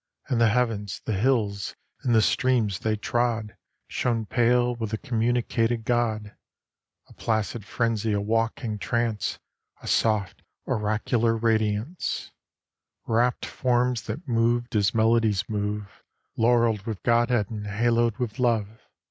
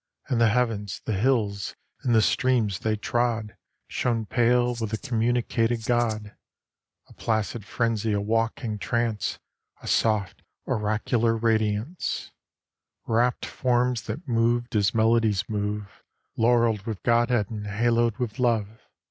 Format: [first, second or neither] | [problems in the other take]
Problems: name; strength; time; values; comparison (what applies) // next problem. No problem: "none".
first | background sound (Rattle (instrument)); 18 dB below the speech